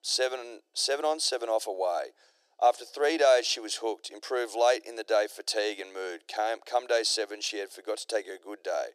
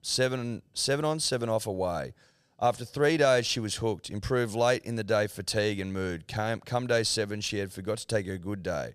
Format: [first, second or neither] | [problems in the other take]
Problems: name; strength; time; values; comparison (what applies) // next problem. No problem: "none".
second | thin; very; fading below 300 Hz